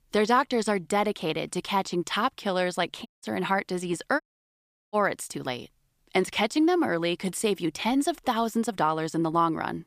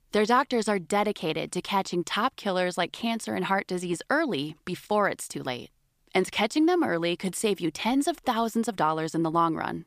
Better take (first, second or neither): second